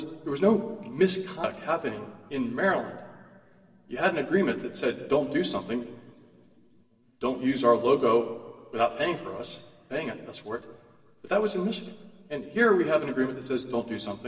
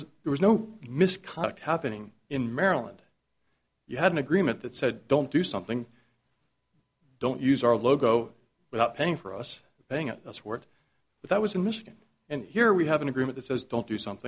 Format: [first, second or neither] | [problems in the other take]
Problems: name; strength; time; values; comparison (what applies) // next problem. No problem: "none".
second | room echo; dies away in 2.9 s